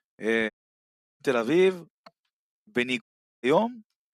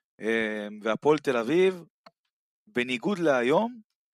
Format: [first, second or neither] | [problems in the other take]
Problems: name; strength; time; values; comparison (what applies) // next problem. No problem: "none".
second | audio cutting out; at 0.5 s for 0.5 s and at 3 s